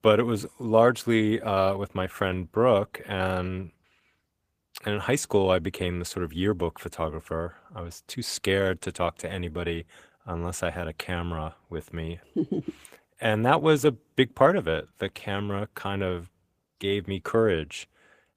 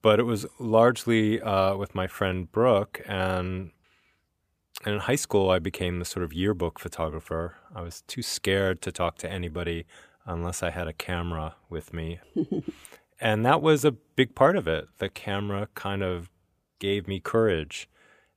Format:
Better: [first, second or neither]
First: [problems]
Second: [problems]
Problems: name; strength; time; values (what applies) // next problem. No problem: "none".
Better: second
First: garbled, watery; slightly; nothing above 15 kHz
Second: none